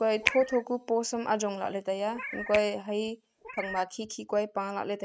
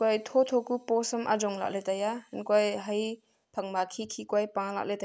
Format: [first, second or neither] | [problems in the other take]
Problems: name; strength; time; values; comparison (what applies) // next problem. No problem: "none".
second | noise reduction (neural mask model RNNoise)